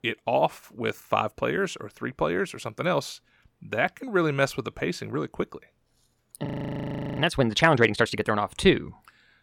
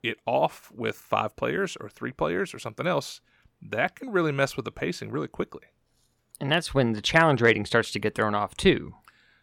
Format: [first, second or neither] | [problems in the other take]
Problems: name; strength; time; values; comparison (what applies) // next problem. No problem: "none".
second | audio freezing; at 6.5 s for 0.5 s